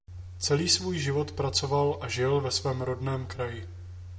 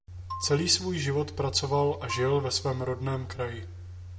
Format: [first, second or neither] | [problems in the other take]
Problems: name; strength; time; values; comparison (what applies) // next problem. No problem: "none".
first | background sound (Marimba, xylophone); 17 dB below the speech